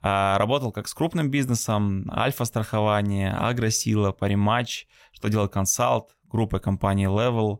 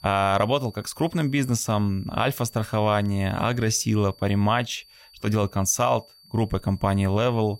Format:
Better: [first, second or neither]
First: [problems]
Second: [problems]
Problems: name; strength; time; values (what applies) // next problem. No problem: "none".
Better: first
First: none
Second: high-pitched whine; faint; throughout; 4.5 kHz, 25 dB below the speech